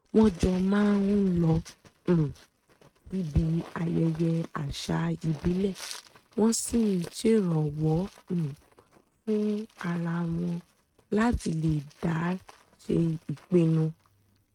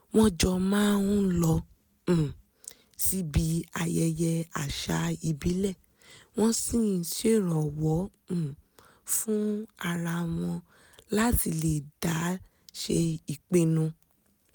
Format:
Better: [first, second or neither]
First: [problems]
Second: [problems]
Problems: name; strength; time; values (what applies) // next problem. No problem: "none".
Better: second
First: noise reduction (neural mask model RNNoise)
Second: none